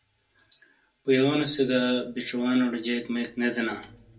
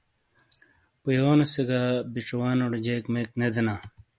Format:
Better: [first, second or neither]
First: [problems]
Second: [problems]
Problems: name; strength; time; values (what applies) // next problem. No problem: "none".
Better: second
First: room echo; dies away in 0.2 s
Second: none